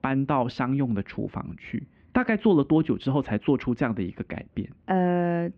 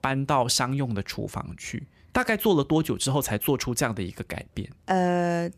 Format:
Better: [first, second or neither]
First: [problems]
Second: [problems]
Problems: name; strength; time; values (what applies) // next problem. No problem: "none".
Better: second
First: muffled; very; fading above 3 kHz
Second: none